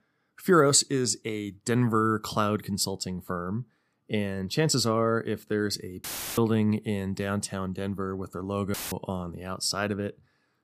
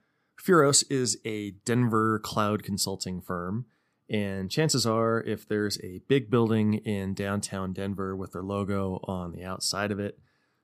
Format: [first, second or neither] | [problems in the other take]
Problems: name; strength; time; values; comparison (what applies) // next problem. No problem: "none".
second | audio cutting out; filled with static; at 6 s and at 8.5 s